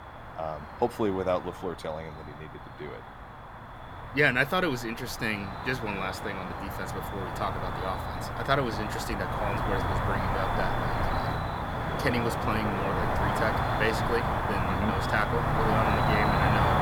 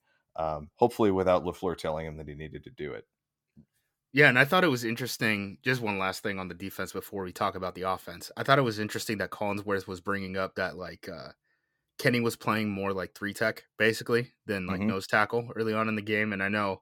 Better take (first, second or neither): second